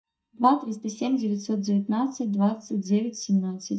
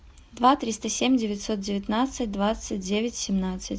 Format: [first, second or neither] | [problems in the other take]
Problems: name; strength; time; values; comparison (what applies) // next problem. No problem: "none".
second | noise reduction (neural mask model DeepFilterNet 3)